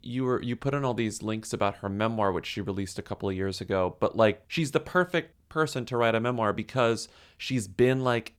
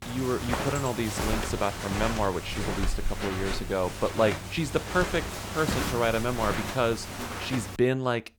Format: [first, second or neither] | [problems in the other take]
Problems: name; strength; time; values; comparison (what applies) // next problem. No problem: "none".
first | footsteps; loud; until 8 s; peak level with the speech